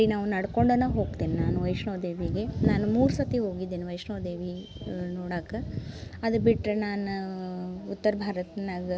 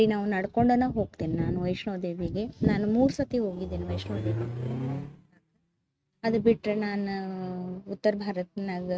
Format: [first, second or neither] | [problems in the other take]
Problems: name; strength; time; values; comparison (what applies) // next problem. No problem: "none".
first | noise reduction (neural mask model RNNoise)